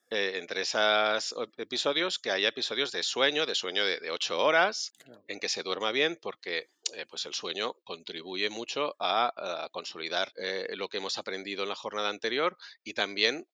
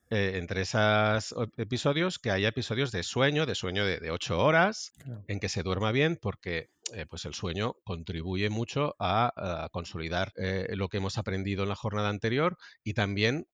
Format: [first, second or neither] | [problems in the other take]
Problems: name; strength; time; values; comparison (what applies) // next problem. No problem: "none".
second | thin; somewhat; fading below 350 Hz